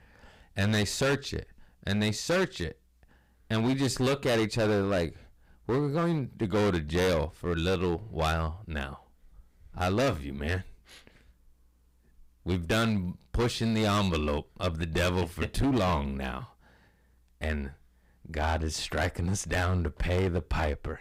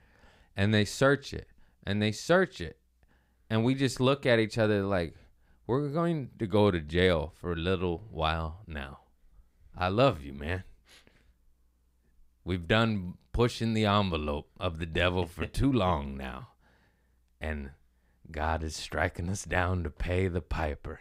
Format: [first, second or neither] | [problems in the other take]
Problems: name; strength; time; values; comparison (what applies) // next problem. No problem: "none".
second | distortion; heavy; 11% of the sound clipped